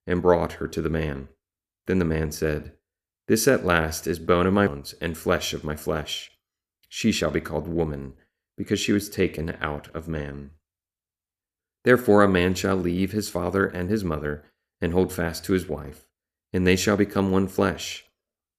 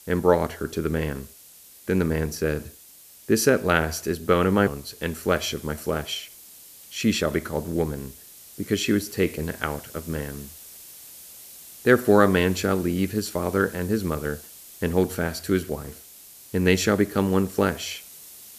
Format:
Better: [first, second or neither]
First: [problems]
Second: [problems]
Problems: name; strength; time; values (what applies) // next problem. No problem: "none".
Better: first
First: none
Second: hiss; noticeable; throughout; 20 dB below the speech